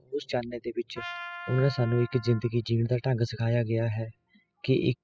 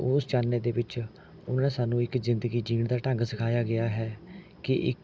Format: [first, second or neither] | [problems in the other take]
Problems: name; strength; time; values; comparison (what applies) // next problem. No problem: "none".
second | noise reduction (classical method spectral subtraction)